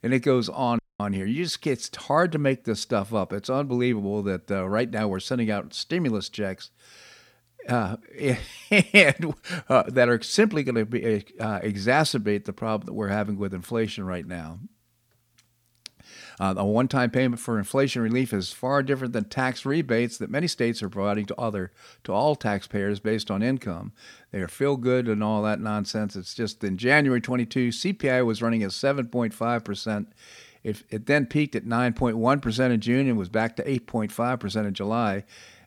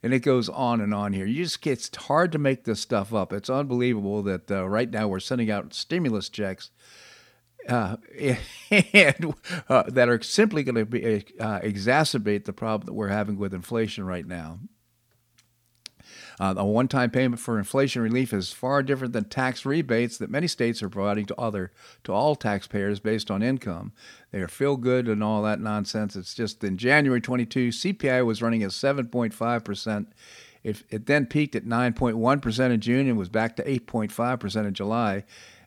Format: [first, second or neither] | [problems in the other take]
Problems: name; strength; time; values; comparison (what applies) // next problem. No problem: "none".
second | audio cutting out; at 1 s